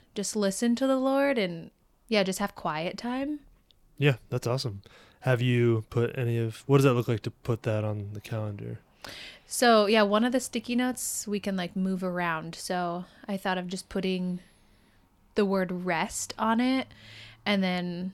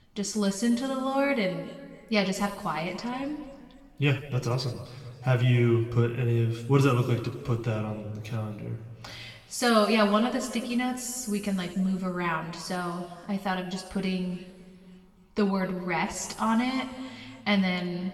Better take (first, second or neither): first